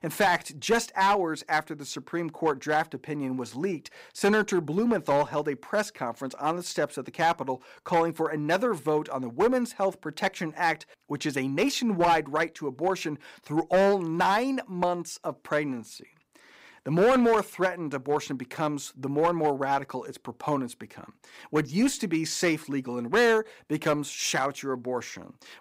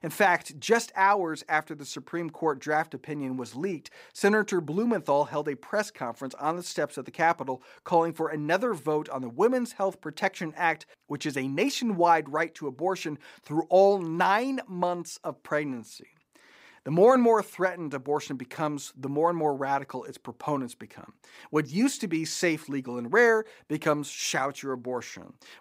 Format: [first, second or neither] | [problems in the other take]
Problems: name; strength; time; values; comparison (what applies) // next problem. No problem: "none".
second | distortion; slight; 4% of the sound clipped